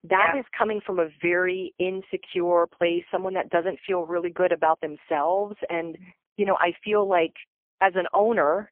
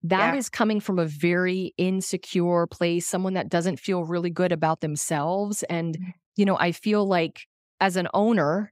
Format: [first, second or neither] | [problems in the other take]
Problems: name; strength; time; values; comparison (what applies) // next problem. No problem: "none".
second | phone-call audio; poor line; nothing above 3 kHz